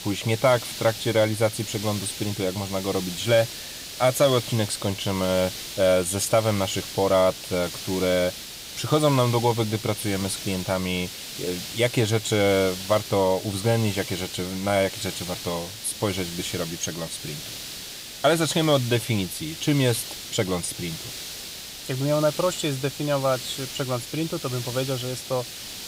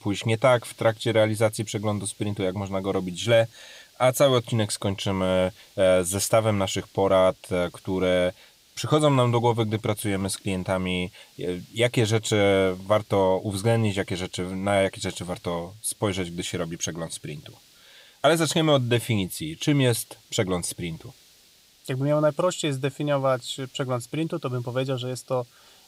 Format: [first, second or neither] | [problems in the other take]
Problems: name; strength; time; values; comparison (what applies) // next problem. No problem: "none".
second | hiss; loud; throughout; 9 dB below the speech; faint in the second